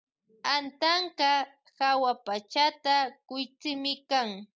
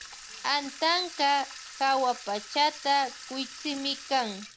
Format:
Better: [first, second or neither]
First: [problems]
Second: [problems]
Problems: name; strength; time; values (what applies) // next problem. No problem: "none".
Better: first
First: none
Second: background sound (Sink (filling or washing) / Water tap, faucet); 15 dB below the speech